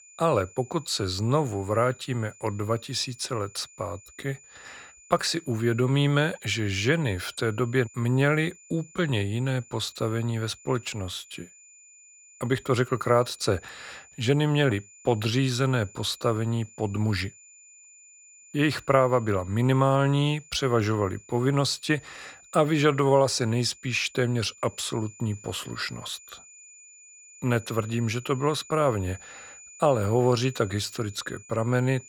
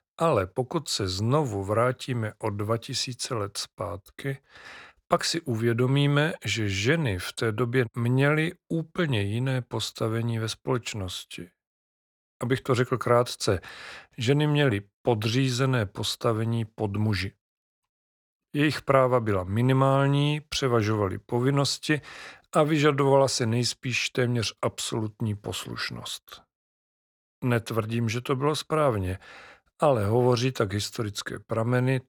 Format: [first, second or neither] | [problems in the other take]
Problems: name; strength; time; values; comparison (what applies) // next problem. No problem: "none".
second | high-pitched whine; faint; throughout; 7 kHz, 20 dB below the speech